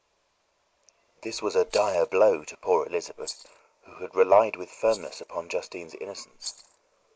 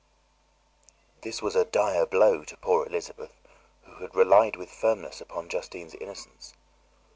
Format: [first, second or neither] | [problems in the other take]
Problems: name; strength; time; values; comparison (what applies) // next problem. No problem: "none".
second | noise reduction (neural mask model Resemble Enhance denoiser)